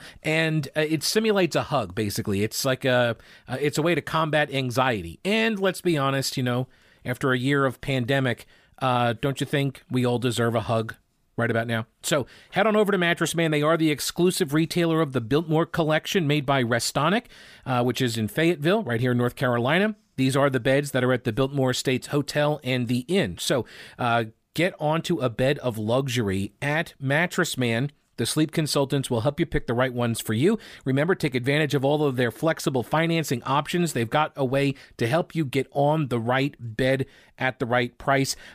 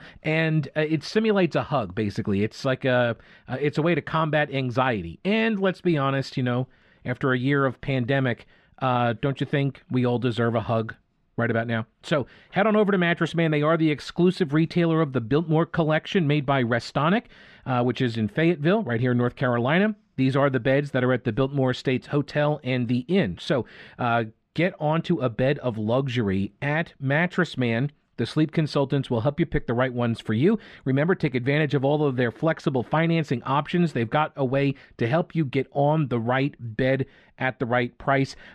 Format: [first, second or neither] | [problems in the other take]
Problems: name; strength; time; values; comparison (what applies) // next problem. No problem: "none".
first | muffled; slightly; fading above 3 kHz